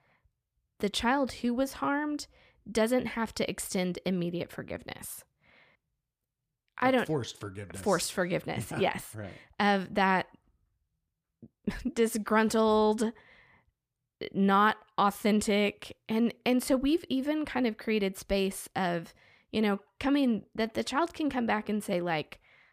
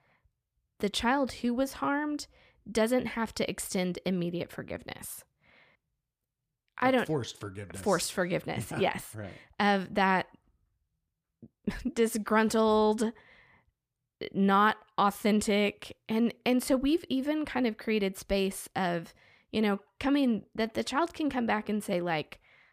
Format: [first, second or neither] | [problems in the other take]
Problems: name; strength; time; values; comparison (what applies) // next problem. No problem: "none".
neither | none